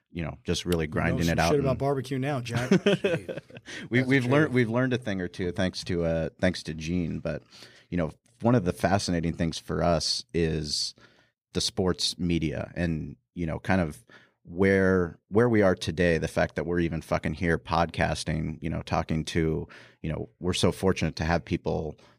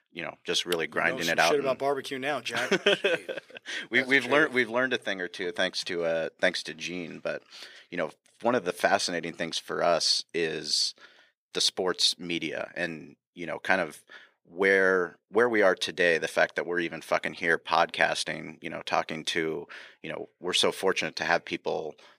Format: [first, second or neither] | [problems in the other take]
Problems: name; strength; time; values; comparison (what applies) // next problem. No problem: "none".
first | thin; somewhat; fading below 400 Hz